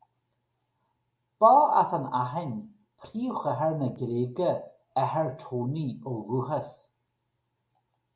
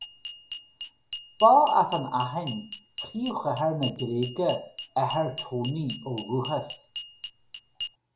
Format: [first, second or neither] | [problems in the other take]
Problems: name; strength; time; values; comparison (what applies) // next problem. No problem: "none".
first | background sound (Glass); 13 dB below the speech